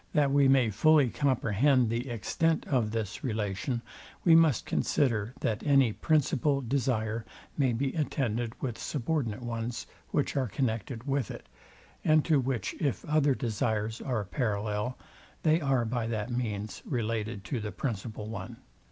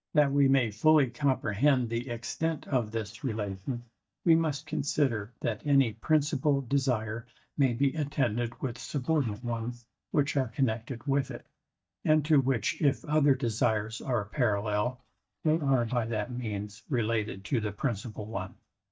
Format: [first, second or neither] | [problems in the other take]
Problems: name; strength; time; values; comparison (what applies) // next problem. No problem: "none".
first | noise reduction (neural mask model DeepFilterNet 3)